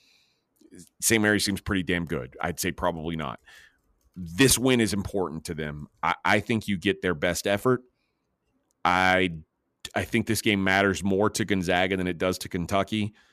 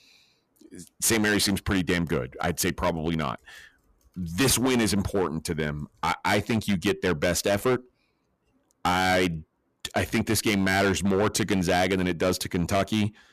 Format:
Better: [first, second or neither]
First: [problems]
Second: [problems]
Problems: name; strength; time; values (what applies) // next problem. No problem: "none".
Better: first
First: none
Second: distortion; heavy; 12% of the sound clipped